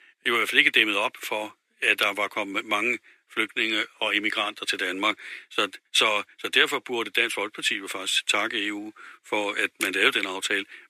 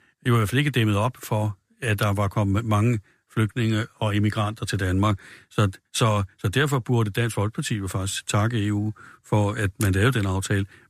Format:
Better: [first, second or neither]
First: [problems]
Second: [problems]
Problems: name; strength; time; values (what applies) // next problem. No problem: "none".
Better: second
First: thin; very; fading below 350 Hz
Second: none